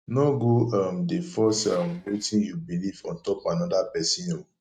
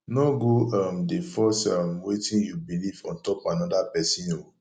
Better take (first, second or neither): second